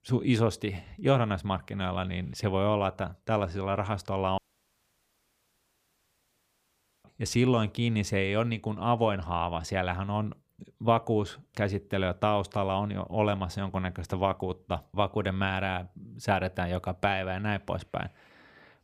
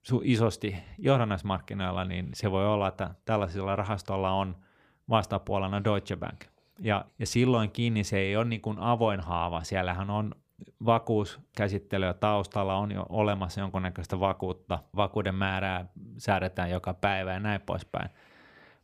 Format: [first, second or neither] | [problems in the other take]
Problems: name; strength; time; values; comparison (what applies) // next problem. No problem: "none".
second | audio cutting out; at 4.5 s for 2.5 s